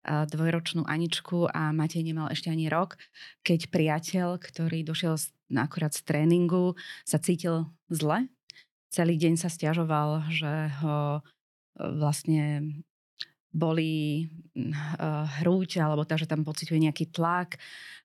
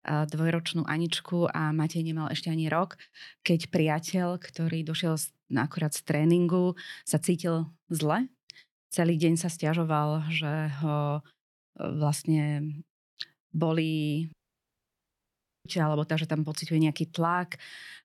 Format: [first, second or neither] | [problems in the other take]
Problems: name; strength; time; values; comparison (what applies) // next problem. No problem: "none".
first | audio cutting out; at 14 s for 1.5 s